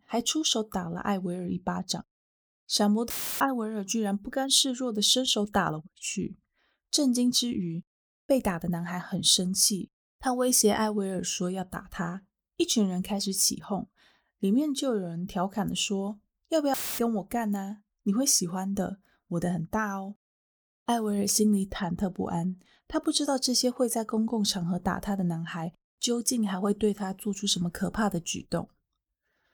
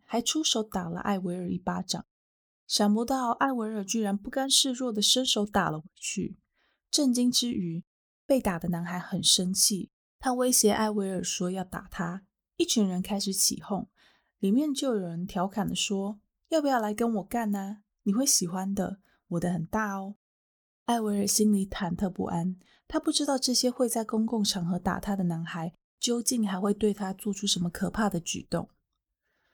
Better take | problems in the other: second | audio cutting out; filled with static; at 3 s and at 17 s

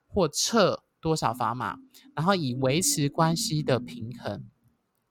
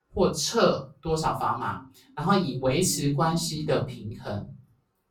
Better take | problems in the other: first | off-mic speech; far // room echo; very slight; dies away in 0.2 s

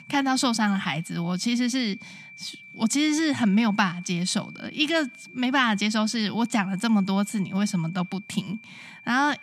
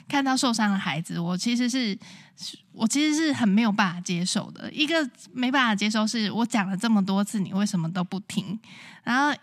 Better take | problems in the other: second | high-pitched whine; noticeable; throughout; 2.5 kHz, 20 dB below the speech

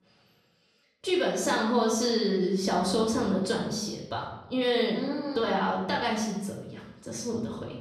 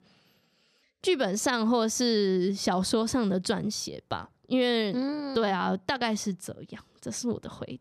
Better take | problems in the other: second | off-mic speech; far // room echo; noticeable; dies away in 0.7 s

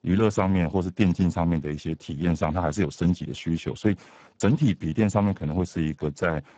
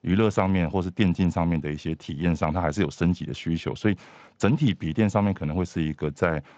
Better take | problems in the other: second | garbled, watery; badly; nothing above 7.5 kHz; slightly in the second

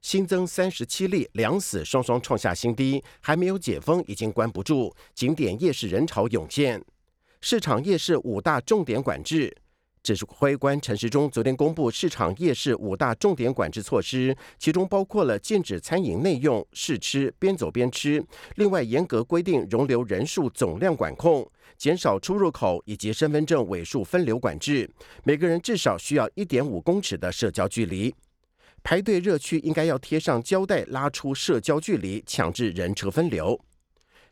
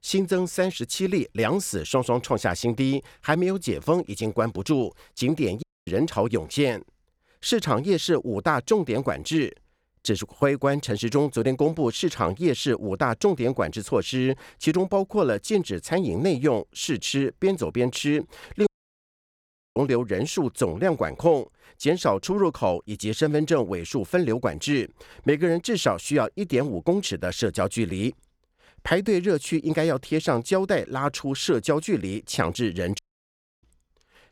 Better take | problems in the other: first | audio cutting out; at 5.5 s, at 19 s for 1 s and at 33 s for 0.5 s

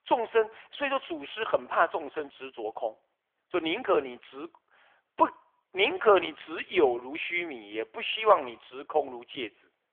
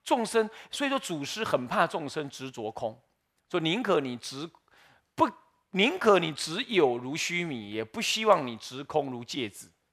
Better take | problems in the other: second | phone-call audio; poor line; nothing above 3.5 kHz

